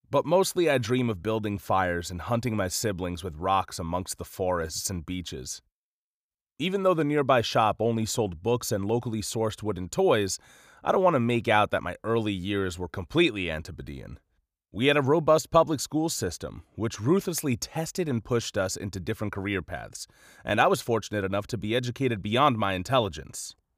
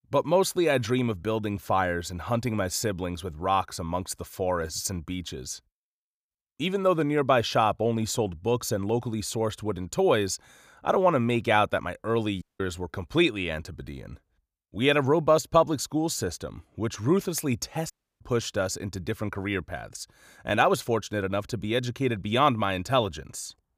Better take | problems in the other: first | audio cutting out; at 12 s and at 18 s

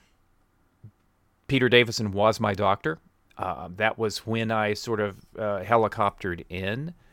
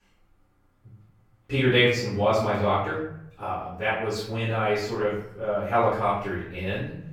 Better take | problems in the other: first | room echo; noticeable; dies away in 0.7 s // off-mic speech; far

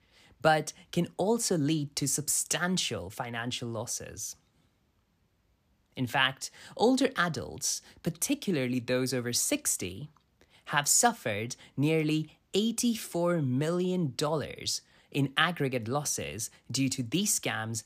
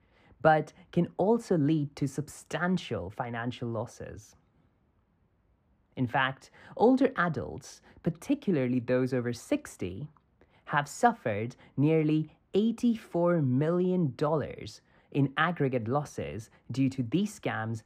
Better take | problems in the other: first | muffled; very; fading above 3 kHz

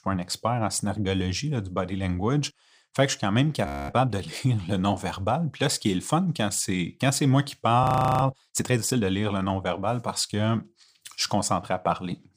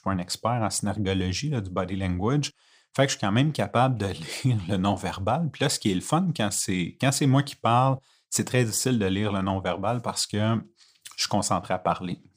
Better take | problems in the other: second | audio freezing; at 3.5 s and at 8 s

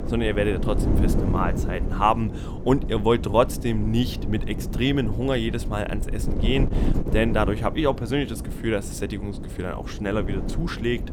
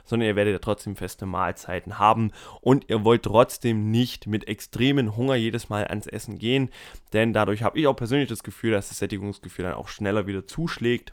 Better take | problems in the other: second | wind noise on the microphone; occasional gusts; 10 dB below the speech

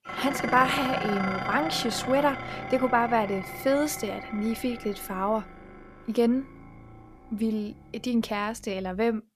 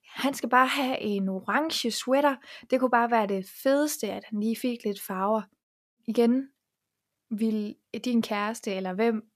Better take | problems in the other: second | clattering dishes; noticeable; until 7 s; peak 2 dB below the speech

